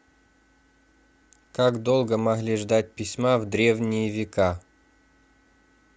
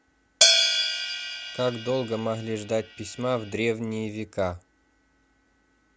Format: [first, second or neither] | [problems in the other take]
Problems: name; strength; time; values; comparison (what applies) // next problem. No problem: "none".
first | background sound (Hi-hat); 4 dB above the speech